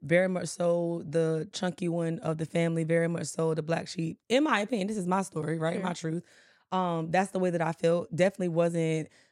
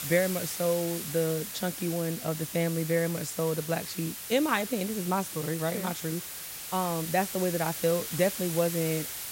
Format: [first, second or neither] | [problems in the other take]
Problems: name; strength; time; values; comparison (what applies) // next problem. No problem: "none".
first | hiss; loud; throughout; 6 dB below the speech